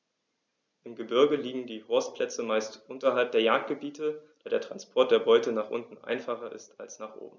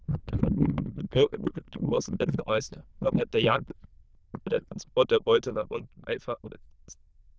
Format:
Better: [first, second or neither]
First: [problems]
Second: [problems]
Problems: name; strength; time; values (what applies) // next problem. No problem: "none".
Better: first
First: none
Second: noise reduction (neural diffusion model UNIVERSE++)